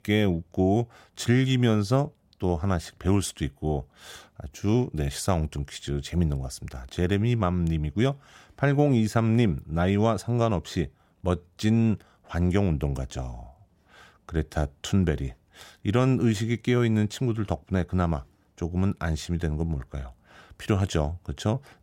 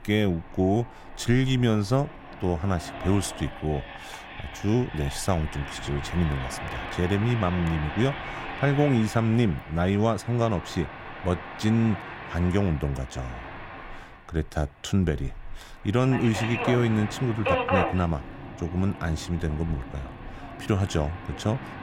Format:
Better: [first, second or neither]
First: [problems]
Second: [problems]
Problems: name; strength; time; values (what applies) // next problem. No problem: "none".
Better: first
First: none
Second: train or aircraft noise; loud; throughout; 9 dB below the speech